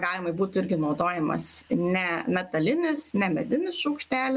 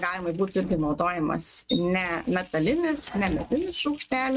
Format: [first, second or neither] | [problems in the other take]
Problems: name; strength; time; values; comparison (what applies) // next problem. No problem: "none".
first | noise reduction (neural mask model RNNoise)